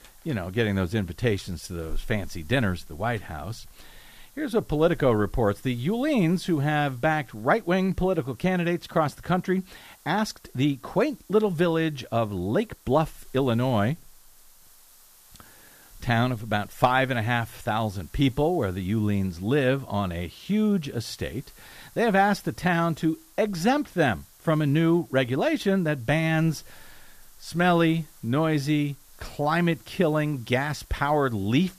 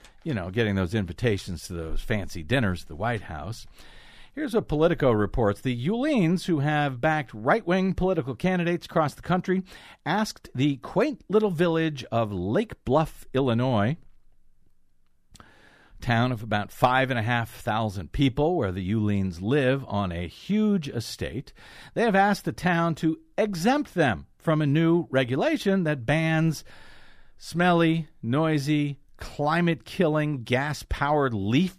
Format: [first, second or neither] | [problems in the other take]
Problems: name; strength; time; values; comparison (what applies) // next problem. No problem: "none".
second | hiss; faint; throughout; 25 dB below the speech